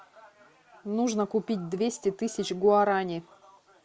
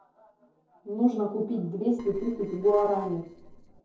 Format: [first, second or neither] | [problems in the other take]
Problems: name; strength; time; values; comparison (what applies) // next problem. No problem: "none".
first | noise reduction (neural separator model SepFormer DNS4)